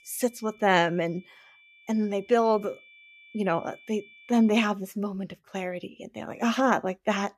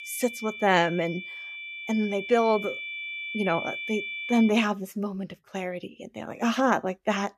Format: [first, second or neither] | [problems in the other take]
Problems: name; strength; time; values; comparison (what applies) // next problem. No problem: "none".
first | high-pitched whine; loud; until 4.5 s; 2.5 kHz, 8 dB below the speech; faint in the first